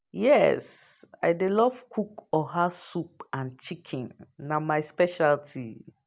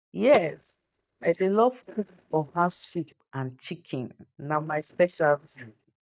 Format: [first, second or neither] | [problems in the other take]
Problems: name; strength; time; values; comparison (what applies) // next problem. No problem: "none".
first | noise reduction (neural mask model DeepFilterNet 3)